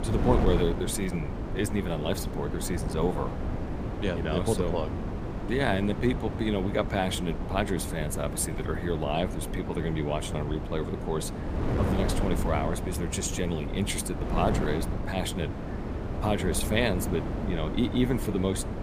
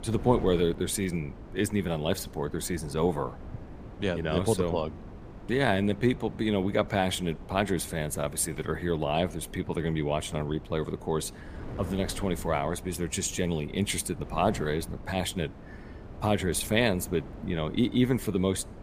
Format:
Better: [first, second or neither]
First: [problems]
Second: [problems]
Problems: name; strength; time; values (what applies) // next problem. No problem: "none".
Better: second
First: wind noise on the microphone; heavy; 6 dB below the speech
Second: wind noise on the microphone; occasional gusts; 20 dB below the speech